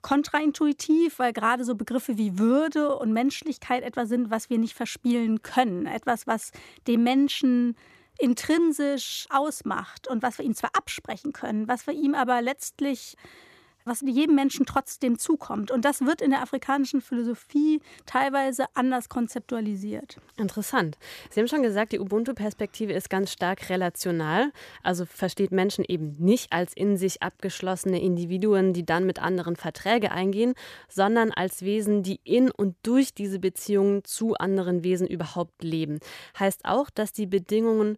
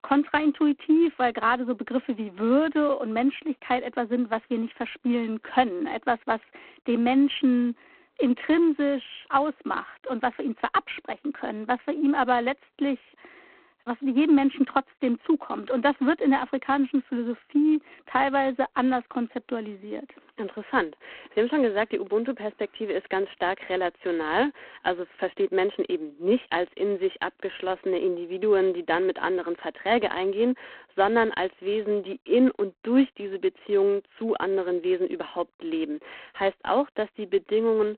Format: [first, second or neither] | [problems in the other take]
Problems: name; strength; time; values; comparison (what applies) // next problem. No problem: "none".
first | phone-call audio; poor line